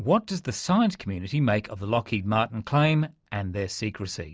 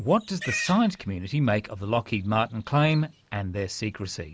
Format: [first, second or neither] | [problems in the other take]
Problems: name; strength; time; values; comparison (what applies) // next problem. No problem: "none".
first | background sound (Livestock, farm animals, working animals); 15 dB below the speech